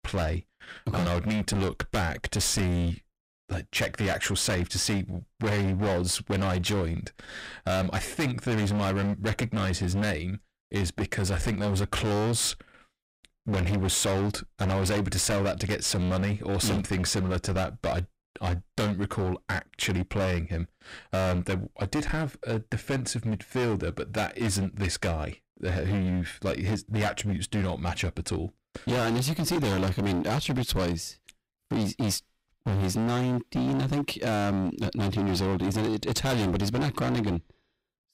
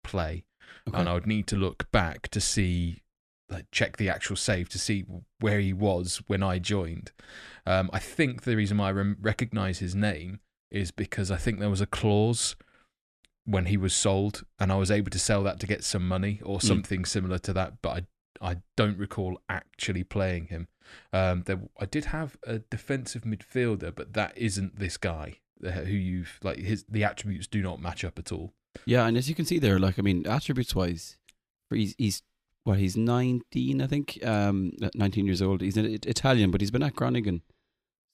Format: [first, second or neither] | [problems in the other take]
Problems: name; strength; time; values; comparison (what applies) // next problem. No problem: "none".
second | distortion; heavy; 26% of the sound clipped